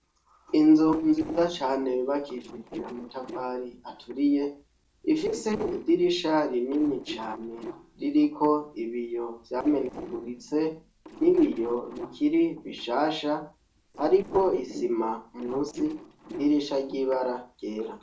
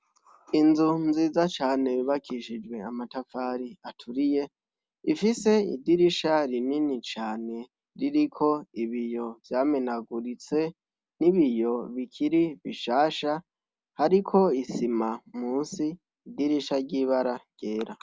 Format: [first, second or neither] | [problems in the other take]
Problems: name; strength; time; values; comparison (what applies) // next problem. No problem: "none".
second | noise reduction (neural separator model SepFormer DNS4)